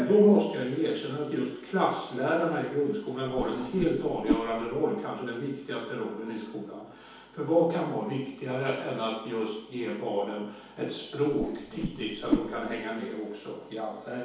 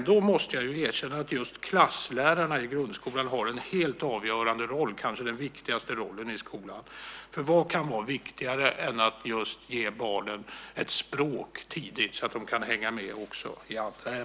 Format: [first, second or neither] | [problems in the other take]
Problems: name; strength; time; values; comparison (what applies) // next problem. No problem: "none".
second | background sound (Whoosh, swoosh, swish); 4 dB below the speech // room echo; dies away in 2.2 s